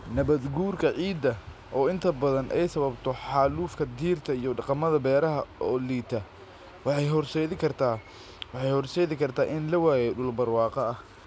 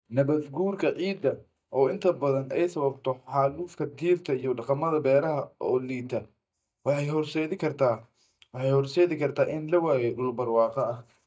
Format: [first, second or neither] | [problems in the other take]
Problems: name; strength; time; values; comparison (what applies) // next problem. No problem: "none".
first | noise reduction (neural mask model DeepFilterNet 3)